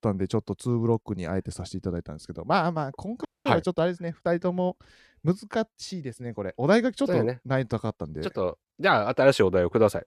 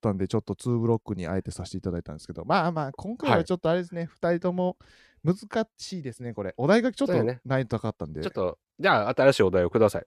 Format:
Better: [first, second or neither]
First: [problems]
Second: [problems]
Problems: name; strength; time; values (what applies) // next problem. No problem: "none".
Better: second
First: audio freezing; at 3.5 s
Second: none